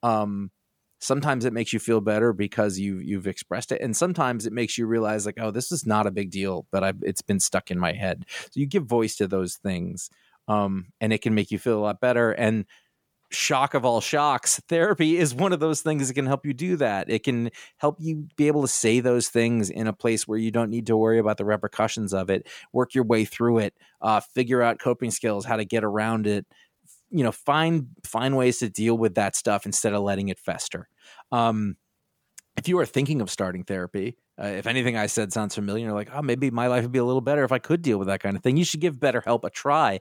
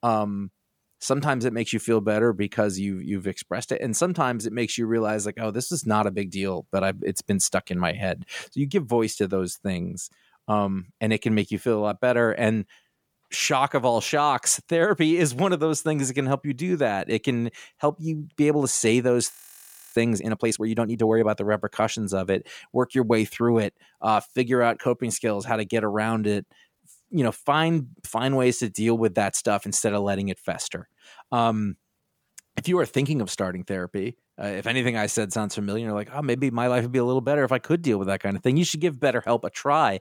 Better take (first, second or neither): first